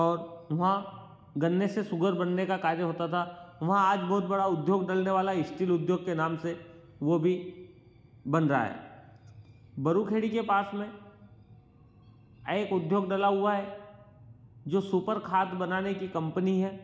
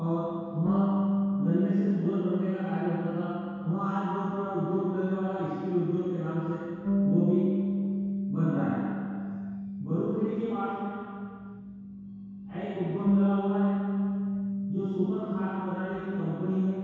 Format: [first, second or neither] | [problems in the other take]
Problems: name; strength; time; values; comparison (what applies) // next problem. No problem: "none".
first | background sound (Bass guitar); 1 dB below the speech // room echo; dies away in 2 s